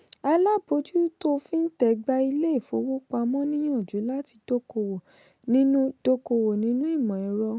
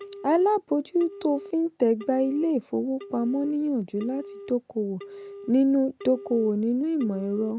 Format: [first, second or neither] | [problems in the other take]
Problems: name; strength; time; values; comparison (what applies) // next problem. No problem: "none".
first | background sound (Telephone); 18 dB below the speech